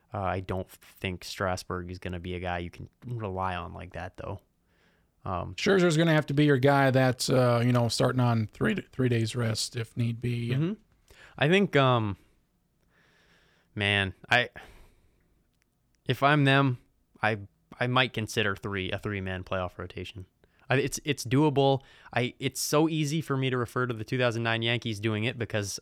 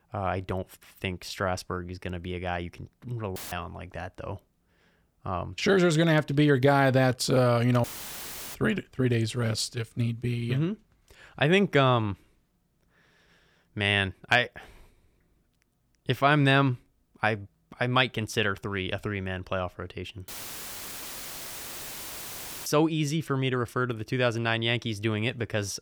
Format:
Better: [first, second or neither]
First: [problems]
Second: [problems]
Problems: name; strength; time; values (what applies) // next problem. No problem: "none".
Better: first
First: none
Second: audio cutting out; filled with static; at 3.5 s, at 8 s for 0.5 s and at 20 s for 2.5 s